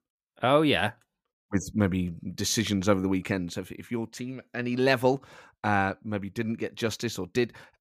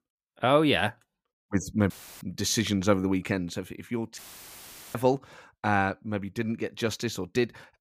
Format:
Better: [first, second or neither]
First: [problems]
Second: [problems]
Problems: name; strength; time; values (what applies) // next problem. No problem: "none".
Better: first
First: none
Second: audio cutting out; filled with static; at 2 s and at 4 s for 1 s